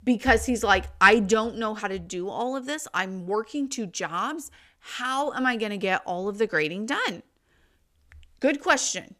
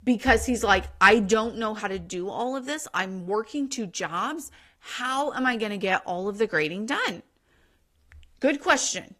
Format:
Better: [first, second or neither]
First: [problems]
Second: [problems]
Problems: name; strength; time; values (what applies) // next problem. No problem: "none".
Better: first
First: none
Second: garbled, watery; slightly; nothing above 14.5 kHz